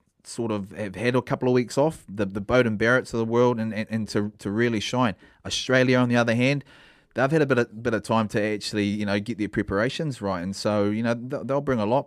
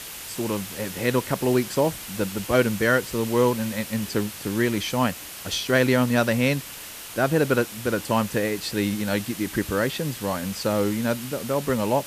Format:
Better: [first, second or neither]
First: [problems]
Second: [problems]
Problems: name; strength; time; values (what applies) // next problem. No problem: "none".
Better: first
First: none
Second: hiss; noticeable; throughout; 10 dB below the speech